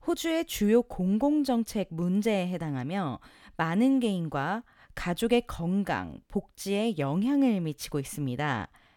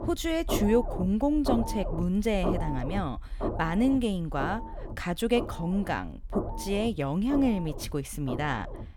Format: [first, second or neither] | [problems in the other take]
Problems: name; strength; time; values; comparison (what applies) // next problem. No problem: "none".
first | low rumble; loud; throughout; 7 dB below the speech